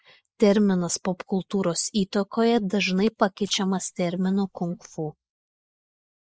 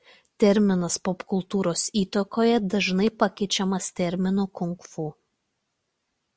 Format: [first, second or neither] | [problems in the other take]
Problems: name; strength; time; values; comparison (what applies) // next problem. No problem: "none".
second | noise reduction (neural mask model Resemble Enhance denoiser)